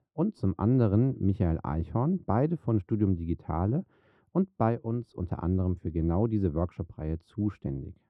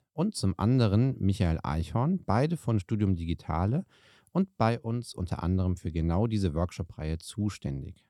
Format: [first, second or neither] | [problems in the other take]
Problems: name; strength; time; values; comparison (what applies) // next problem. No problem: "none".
second | muffled; very; fading above 3 kHz